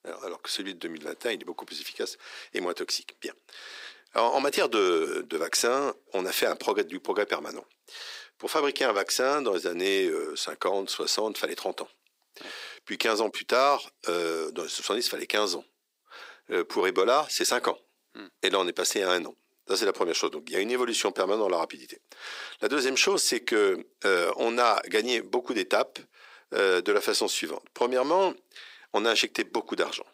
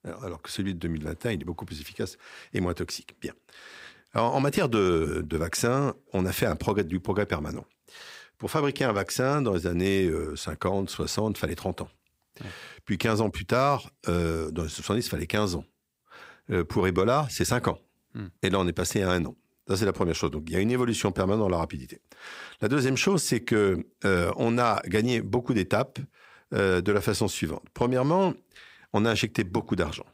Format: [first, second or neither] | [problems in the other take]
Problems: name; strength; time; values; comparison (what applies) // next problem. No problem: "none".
second | thin; somewhat; fading below 350 Hz